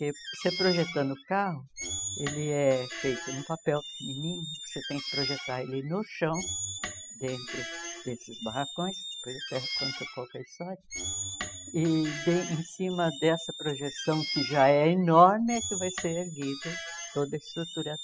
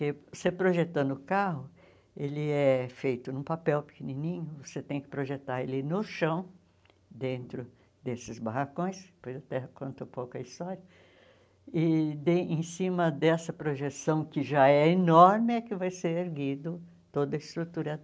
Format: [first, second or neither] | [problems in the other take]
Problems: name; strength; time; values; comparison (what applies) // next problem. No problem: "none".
second | noise reduction (classical method spectral subtraction)